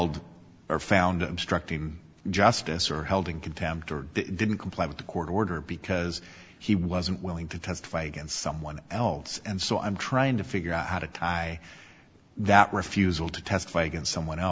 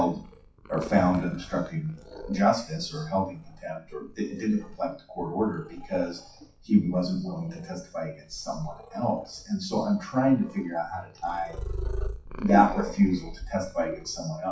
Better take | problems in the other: first | noise reduction (classical method WPE with log-MMSE)

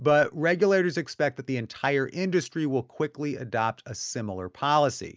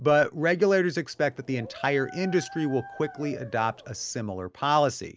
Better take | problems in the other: first | background sound (Dog); 19 dB below the speech

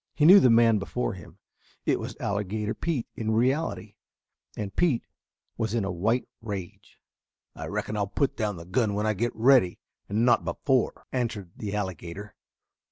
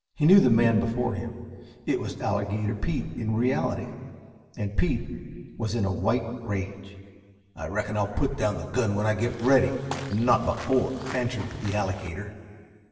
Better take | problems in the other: first | background sound (Walk, footsteps / Bird vocalization, bird call, bird song); 12 dB below the speech // room echo; dies away in 1.9 s

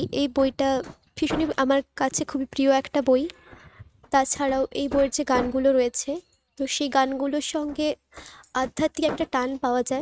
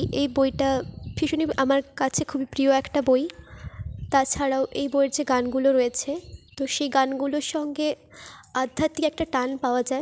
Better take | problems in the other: second | noise reduction (neural mask model RNNoise)

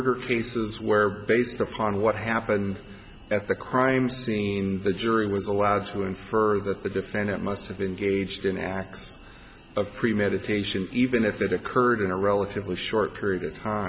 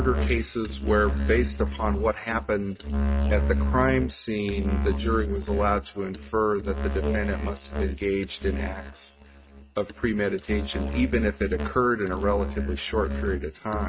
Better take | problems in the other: first | noise reduction (neural mask model RNNoise)

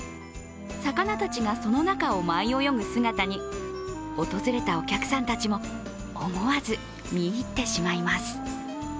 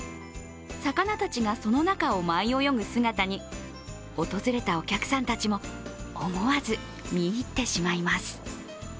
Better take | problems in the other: second | background sound (Wind instrument, woodwind instrument); 8 dB below the speech

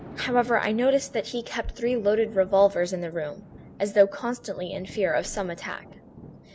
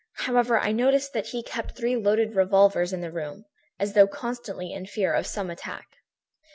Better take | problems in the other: second | background sound (Thunder); 20 dB below the speech

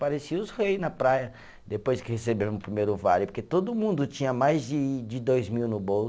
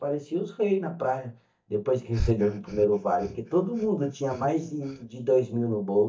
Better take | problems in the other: first | noise reduction (neural mask model DeepFilterNet 3)

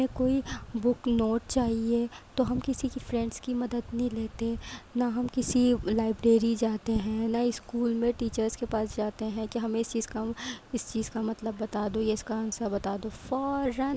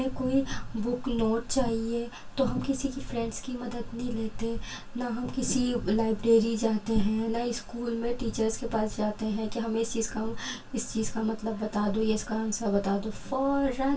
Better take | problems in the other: first | room echo; dies away in 0.2 s

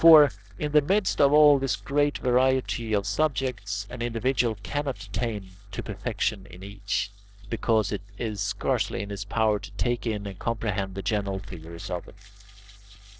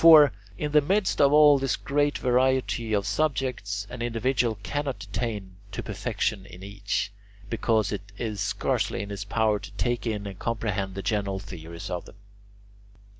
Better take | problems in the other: second | noise reduction (neural separator model SepFormer DNS4)

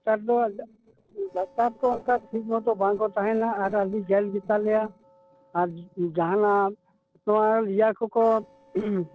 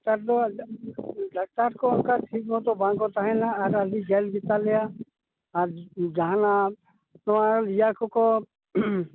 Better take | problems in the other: second | noise reduction (neural separator model SepFormer DNS4)

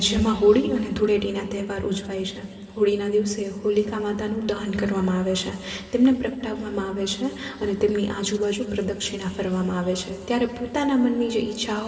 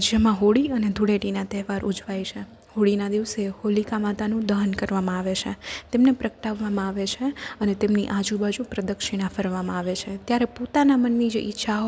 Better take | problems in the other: second | room echo; dies away in 2.7 s

